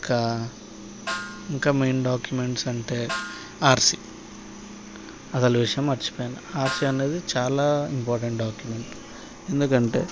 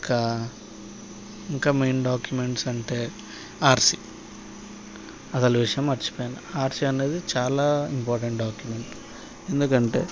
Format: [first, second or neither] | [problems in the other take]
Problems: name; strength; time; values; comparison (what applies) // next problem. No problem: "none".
second | background sound (Snare drum); 13 dB below the speech